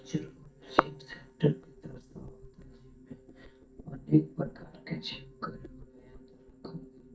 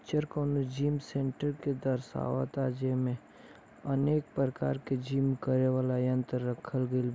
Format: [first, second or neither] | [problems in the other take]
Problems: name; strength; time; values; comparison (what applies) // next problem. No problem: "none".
second | noise reduction (neural mask model DeepFilterNet 3)